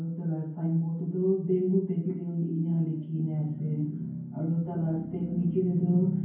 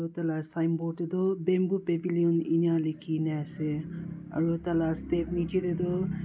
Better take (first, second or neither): second